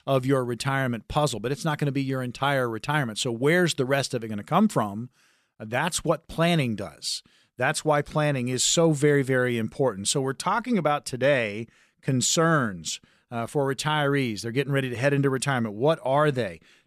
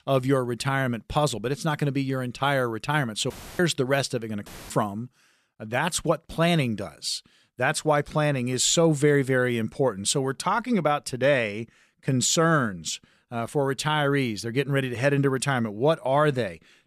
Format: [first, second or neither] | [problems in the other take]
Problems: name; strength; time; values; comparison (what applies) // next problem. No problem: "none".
first | audio cutting out; filled with static; at 3.5 s and at 4.5 s